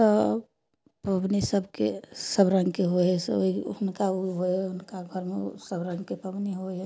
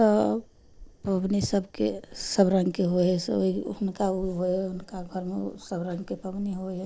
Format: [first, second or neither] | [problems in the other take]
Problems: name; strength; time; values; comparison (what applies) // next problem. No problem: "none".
first | background sound (Fire); 20 dB below the speech